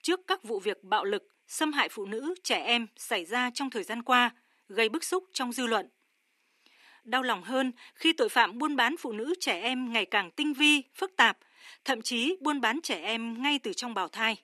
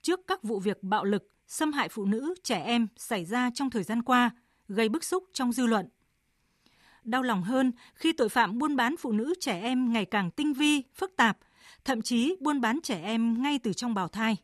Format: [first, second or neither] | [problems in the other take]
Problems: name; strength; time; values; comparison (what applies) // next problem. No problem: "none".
second | thin; very slightly; fading below 300 Hz